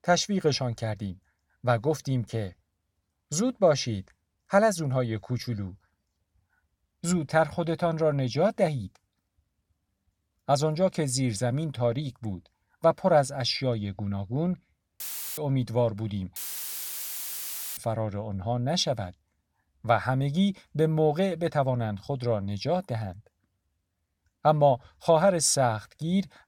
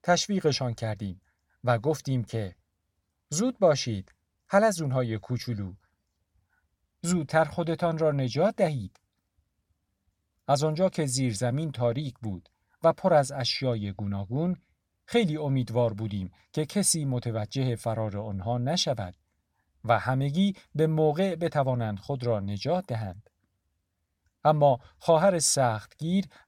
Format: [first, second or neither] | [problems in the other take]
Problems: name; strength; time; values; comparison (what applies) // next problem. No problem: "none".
second | audio cutting out; filled with static; at 15 s and at 16 s for 1.5 s